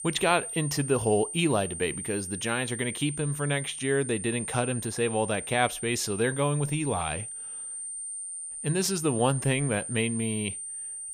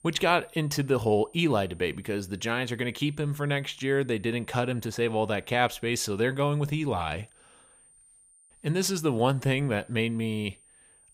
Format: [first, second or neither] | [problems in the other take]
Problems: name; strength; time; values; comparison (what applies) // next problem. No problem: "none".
second | high-pitched whine; loud; throughout; 9 kHz, 6 dB below the speech; faint in the second